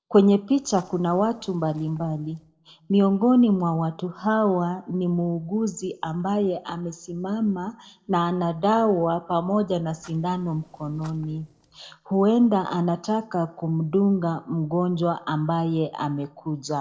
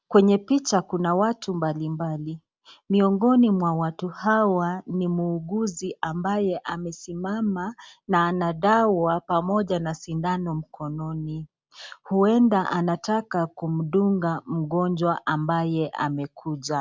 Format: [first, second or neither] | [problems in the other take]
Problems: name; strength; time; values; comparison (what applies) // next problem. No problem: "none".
second | noise reduction (neural separator model SepFormer DNS4)